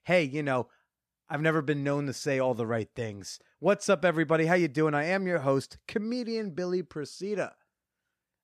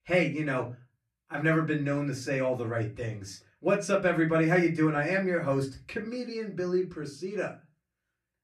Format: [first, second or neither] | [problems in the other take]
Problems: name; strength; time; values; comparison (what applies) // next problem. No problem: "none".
first | off-mic speech; far // room echo; very slight; dies away in 0.3 s